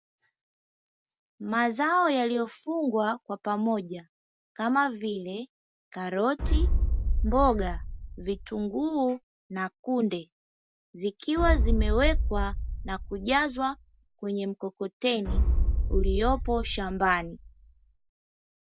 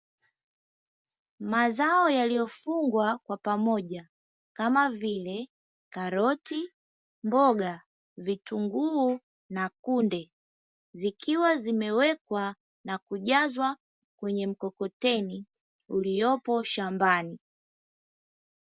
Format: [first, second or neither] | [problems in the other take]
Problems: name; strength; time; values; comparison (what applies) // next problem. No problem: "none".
second | background sound (Boom); 2 dB above the speech